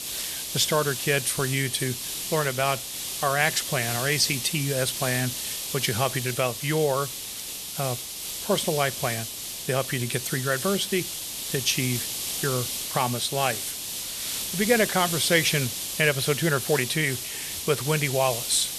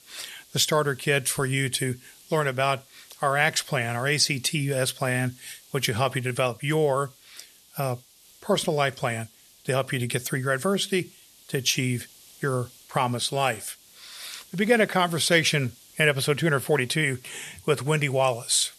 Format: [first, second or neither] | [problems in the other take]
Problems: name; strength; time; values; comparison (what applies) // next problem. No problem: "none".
second | hiss; loud; throughout; 4 dB below the speech; faint in the second